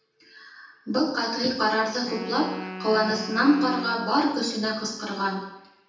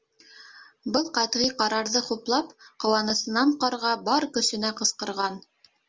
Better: second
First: background sound (Wind instrument, woodwind instrument); 13 dB below the speech // room echo; dies away in 0.9 s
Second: none

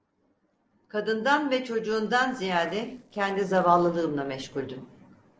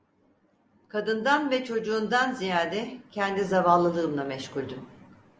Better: second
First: noise reduction (neural separator model SepFormer DNS4)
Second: none

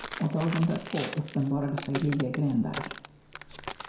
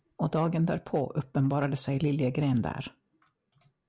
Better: second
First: background sound (Walk, footsteps); 10 dB below the speech // room echo; dies away in 0.6 s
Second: none

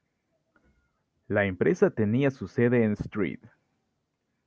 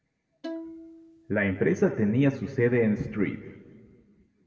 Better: first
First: none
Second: background sound (Bowed string instrument); 14 dB below the speech // room echo; dies away in 1.4 s

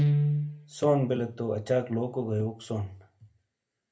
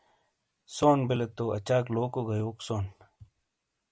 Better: second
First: background sound (Guitar); 2 dB below the speech // room echo; dies away in 0.3 s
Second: none

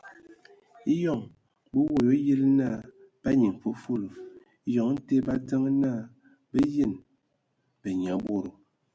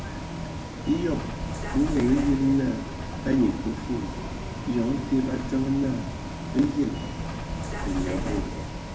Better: first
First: none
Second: background sound (Bus); 5 dB below the speech // room echo; dies away in 0.9 s

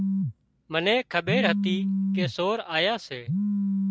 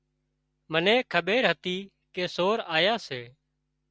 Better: second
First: background sound (Telephone); 1 dB above the speech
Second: none

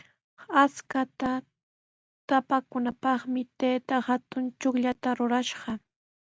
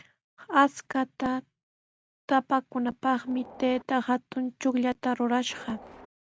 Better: first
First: none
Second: background sound (Train); 18 dB below the speech

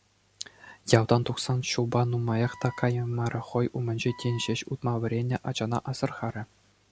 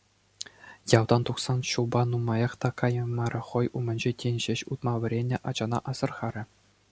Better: second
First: background sound (Wind instrument, woodwind instrument); 20 dB below the speech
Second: none

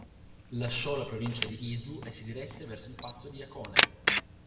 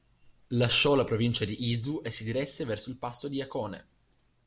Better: second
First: background sound (Camera); 3 dB above the speech // room echo; dies away in 1 s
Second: none

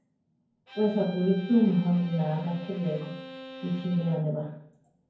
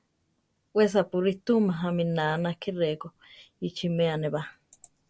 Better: second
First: background sound (Bowed string instrument); 17 dB below the speech // room echo; dies away in 0.9 s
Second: none

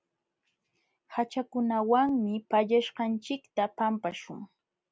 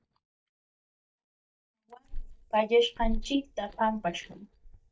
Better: first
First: none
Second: noise reduction (neural mask model DeepFilterNet 3)

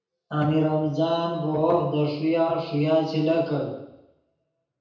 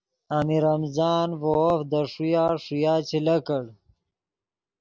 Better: second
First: room echo; dies away in 0.9 s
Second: none

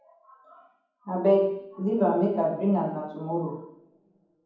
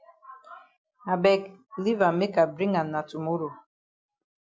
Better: second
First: room echo; dies away in 1.2 s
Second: none

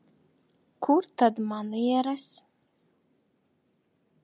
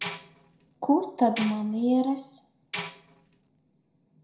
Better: first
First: none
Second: background sound (Tambourine); 13 dB below the speech // room echo; dies away in 0.4 s

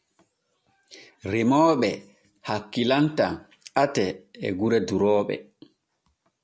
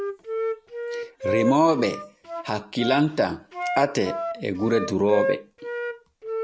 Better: first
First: none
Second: background sound (Wind instrument, woodwind instrument); 5 dB below the speech

